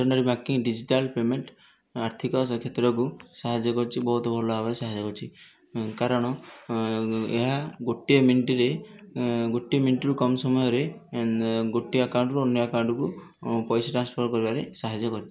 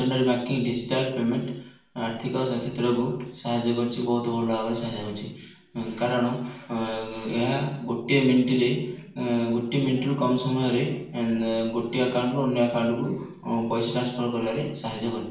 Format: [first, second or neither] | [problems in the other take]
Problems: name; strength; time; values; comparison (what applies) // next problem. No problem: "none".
first | room echo; dies away in 0.6 s